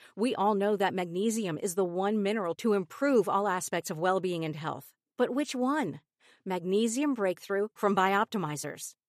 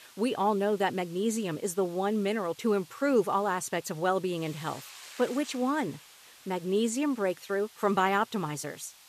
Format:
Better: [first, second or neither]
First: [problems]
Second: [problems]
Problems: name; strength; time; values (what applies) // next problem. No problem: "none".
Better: first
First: none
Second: hiss; faint; throughout; 20 dB below the speech